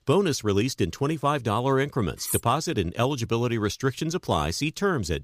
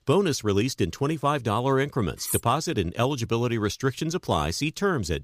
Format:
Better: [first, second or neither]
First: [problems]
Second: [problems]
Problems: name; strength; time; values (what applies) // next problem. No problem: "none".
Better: neither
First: clattering dishes; noticeable; at 2 s; peak 4 dB below the speech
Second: clattering dishes; noticeable; at 2 s; peak 4 dB below the speech